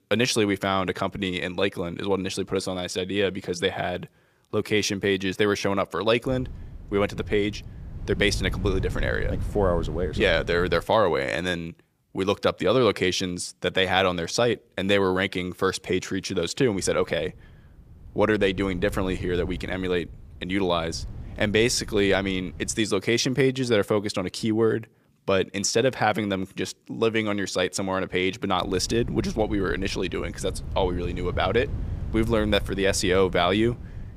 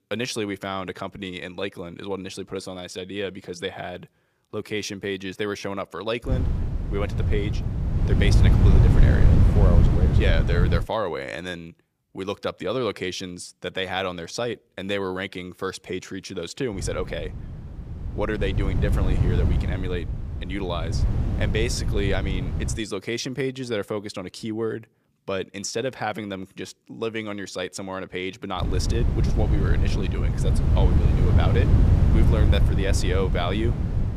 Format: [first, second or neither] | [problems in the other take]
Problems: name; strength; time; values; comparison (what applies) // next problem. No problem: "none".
first | wind noise on the microphone; heavy; from 6.5 to 11 s, from 17 to 23 s and from 29 s on; 4 dB below the speech; occasional gusts in the first